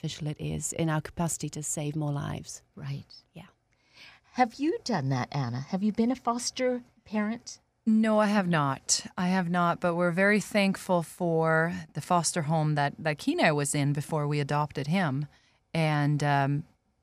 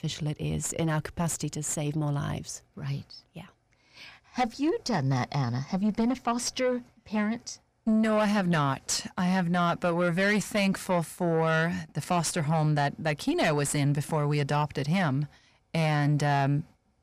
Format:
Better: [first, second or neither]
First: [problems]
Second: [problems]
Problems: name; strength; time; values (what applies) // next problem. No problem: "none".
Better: first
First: none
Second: distortion; slight; 10 dB below the speech